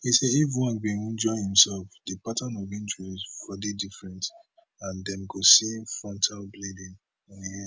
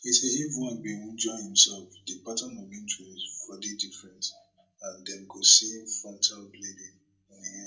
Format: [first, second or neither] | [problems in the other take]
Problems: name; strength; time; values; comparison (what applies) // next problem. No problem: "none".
first | room echo; dies away in 0.2 s